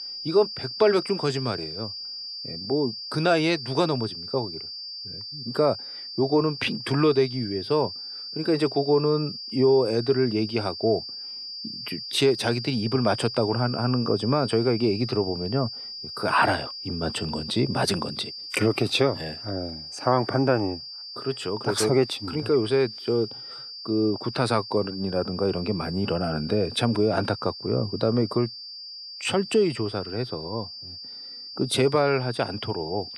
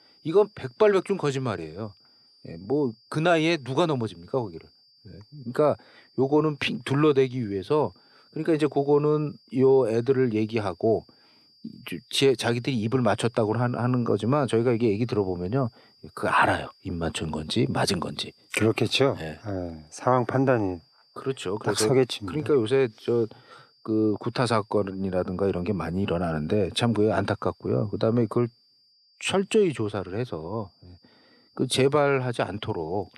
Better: second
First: high-pitched whine; loud; throughout; 4.5 kHz, 9 dB below the speech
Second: high-pitched whine; faint; throughout; 4.5 kHz, 30 dB below the speech

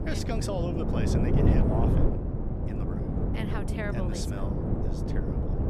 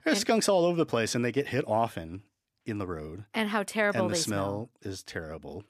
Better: second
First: wind noise on the microphone; heavy; 2 dB above the speech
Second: none

